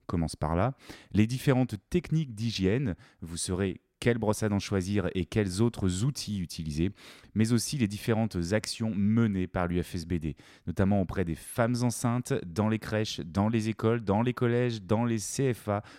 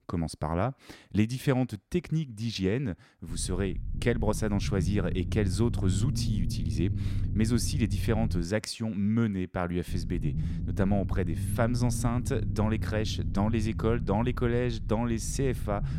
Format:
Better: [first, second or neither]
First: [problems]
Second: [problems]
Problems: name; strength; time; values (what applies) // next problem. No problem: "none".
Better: first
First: none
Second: low rumble; noticeable; from 3.5 to 8.5 s and from 10 s on; 10 dB below the speech